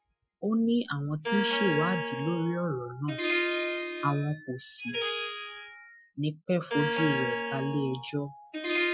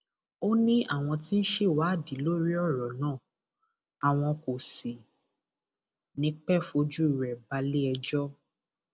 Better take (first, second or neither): second